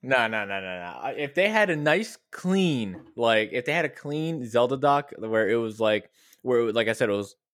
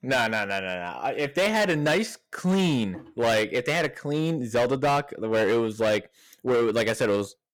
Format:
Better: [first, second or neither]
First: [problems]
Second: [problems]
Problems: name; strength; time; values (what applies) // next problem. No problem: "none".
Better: first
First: none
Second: distortion; heavy; 13% of the sound clipped